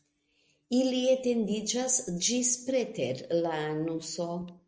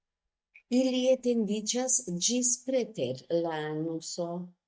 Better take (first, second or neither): first